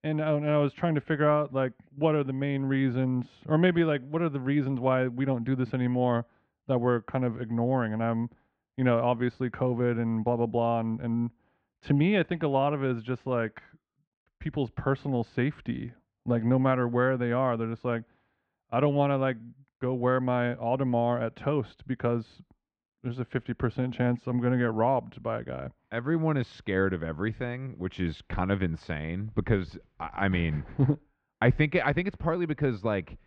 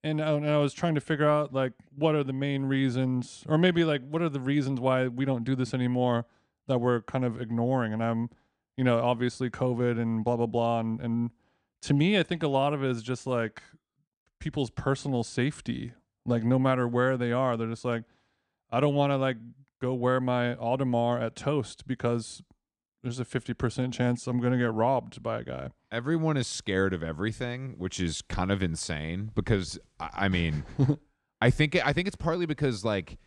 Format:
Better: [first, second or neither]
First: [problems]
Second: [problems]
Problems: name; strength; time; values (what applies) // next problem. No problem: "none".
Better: second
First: muffled; very; fading above 2.5 kHz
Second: none